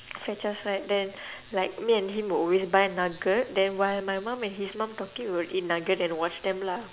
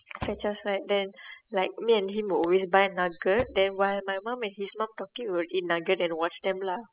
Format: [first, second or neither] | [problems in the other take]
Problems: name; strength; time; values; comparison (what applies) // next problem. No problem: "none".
first | noise reduction (classical method spectral subtraction)